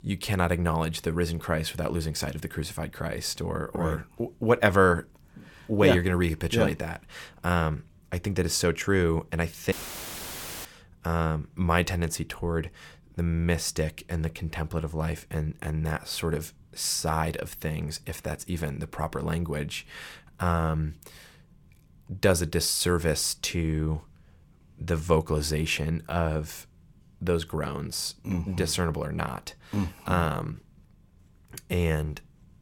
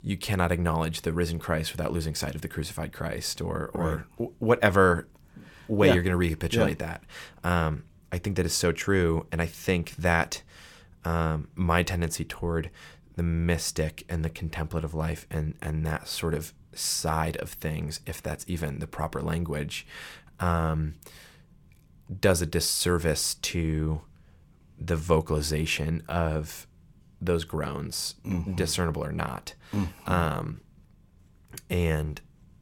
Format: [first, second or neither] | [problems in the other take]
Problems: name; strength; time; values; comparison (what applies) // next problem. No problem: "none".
second | audio cutting out; filled with static; at 9.5 s for 1 s